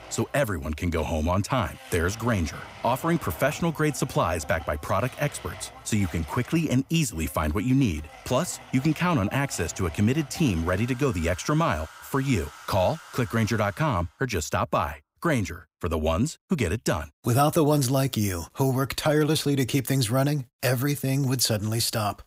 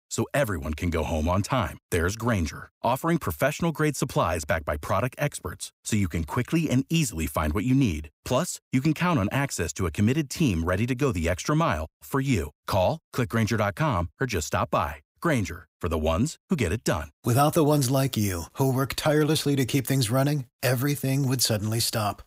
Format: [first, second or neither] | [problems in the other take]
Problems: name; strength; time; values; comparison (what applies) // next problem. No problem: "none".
second | household noises; noticeable; until 14 s; 20 dB below the speech